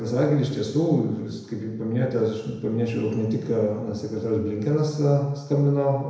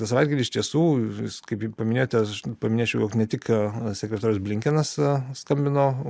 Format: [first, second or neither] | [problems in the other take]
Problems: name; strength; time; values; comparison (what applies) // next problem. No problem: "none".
second | room echo; dies away in 0.9 s